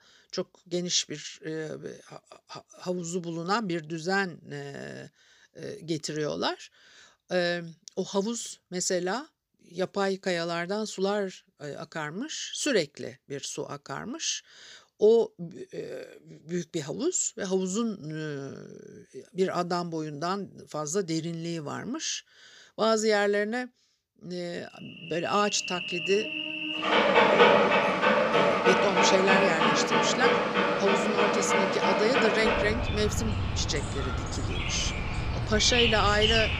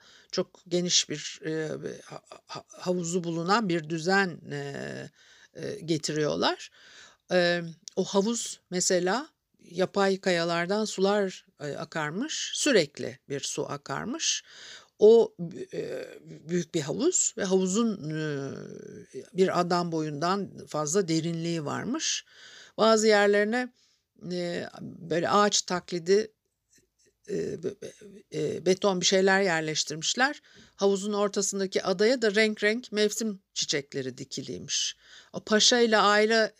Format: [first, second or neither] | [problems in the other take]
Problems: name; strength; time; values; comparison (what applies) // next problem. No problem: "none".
second | animal sounds; very loud; from 25 s on; 4 dB above the speech